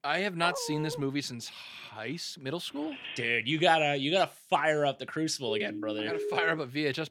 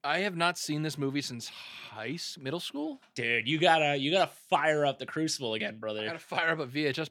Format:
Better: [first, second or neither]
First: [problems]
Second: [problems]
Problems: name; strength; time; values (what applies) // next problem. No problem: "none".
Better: second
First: dog barking; noticeable; at 0.5 s; peak 7 dB below the speech // phone ringing; noticeable; at 2.5 s; peak 10 dB below the speech // siren; noticeable; from 5.5 to 6.5 s; peak 4 dB below the speech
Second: none